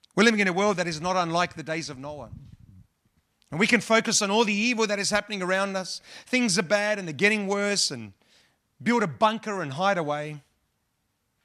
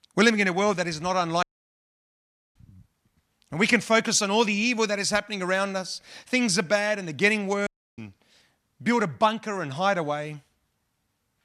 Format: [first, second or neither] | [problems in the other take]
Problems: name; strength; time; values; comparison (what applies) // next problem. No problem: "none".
first | audio cutting out; at 1.5 s for 1 s and at 7.5 s